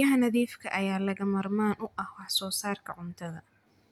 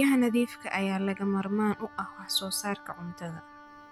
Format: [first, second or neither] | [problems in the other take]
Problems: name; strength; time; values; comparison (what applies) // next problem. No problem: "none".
first | background sound (Wind instrument, woodwind instrument); 20 dB below the speech